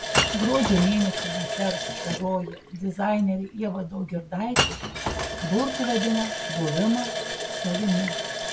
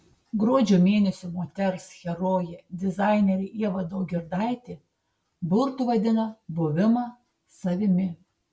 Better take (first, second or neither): second